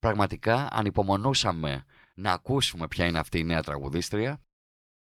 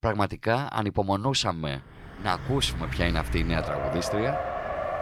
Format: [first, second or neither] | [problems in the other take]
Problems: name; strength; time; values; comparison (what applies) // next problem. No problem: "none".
first | traffic noise; loud; from 2 s on; 4 dB below the speech